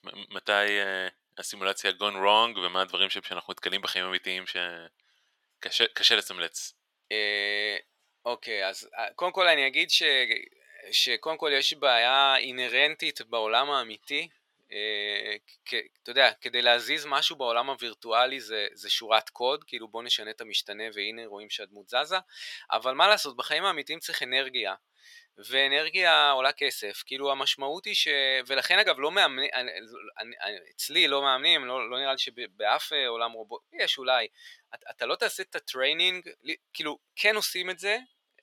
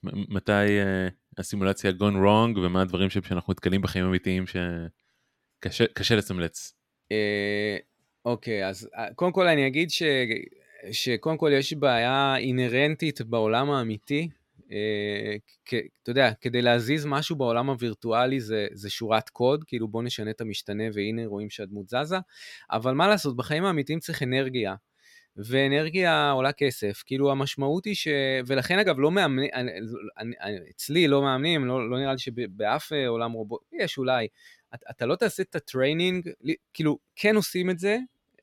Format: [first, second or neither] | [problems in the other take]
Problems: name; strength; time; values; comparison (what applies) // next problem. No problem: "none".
second | thin; very; fading below 800 Hz